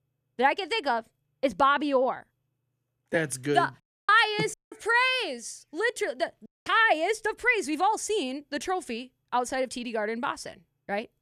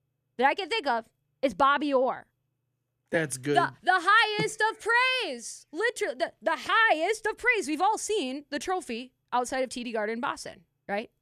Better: second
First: audio cutting out; at 4 s, at 4.5 s and at 6.5 s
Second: none

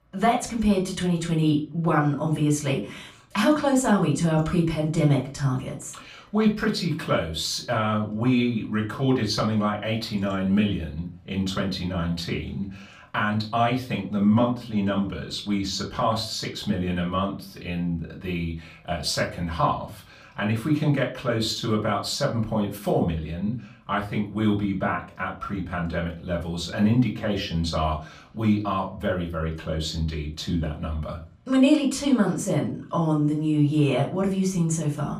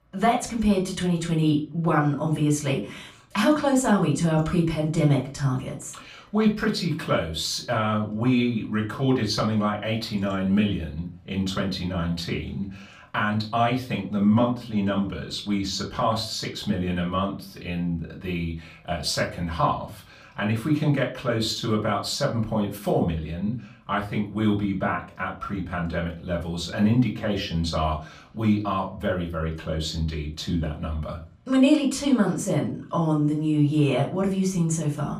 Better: neither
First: off-mic speech; far // room echo; very slight; dies away in 0.3 s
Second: off-mic speech; far // room echo; very slight; dies away in 0.3 s

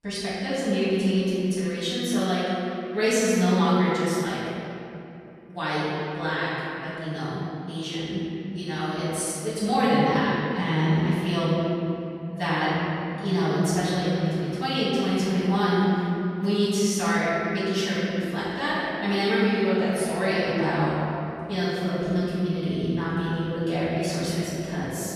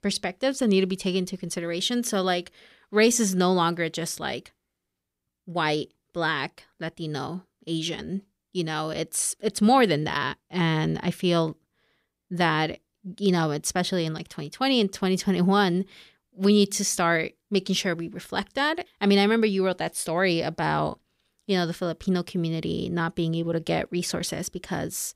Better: second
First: off-mic speech; far // room echo; strong; dies away in 2.9 s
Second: none

